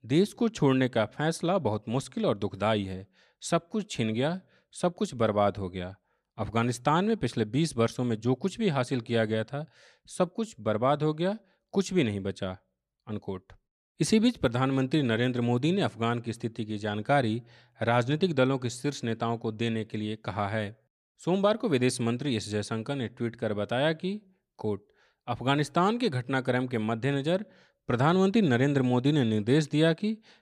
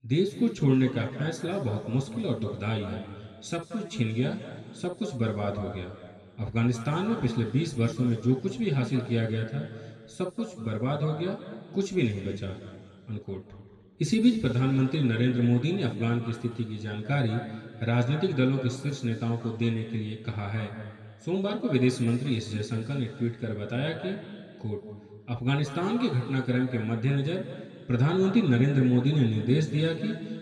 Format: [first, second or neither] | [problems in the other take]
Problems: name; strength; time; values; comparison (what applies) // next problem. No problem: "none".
first | room echo; noticeable; dies away in 2 s // off-mic speech; somewhat distant